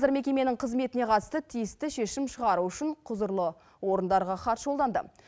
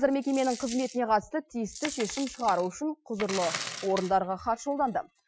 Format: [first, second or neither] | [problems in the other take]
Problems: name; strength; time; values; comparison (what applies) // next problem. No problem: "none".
first | noise reduction (classical method Wiener filter)